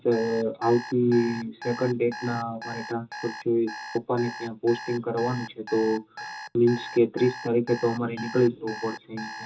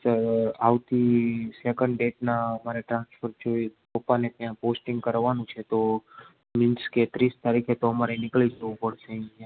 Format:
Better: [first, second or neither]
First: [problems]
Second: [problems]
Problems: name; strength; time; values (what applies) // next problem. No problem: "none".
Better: second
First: background sound (Alarm); 13 dB below the speech // room echo; dies away in 0.2 s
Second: none